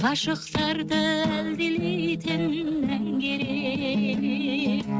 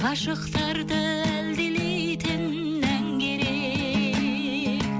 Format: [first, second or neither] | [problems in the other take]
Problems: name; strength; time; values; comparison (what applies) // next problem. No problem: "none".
second | noise reduction (neural mask model RNNoise)